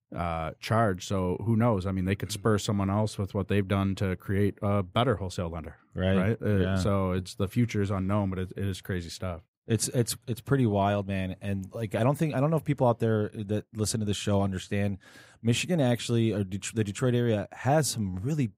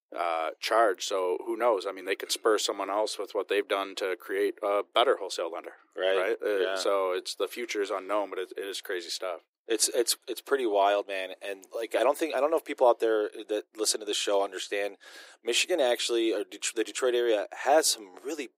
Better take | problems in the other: first | thin; very; fading below 350 Hz

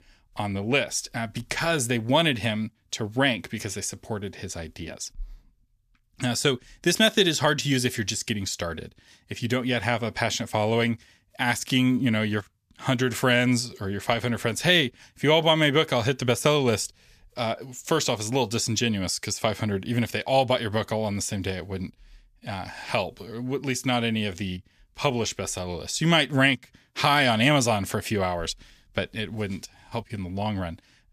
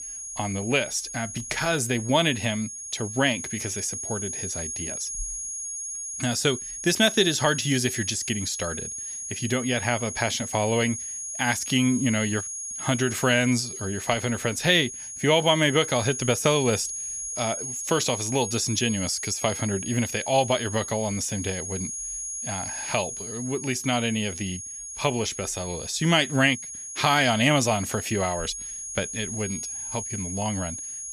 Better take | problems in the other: first | high-pitched whine; loud; throughout; 6.5 kHz, 6 dB below the speech

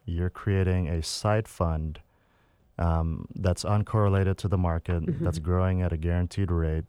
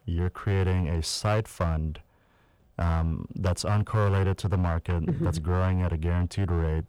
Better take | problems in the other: first | distortion; slight; 7% of the sound clipped

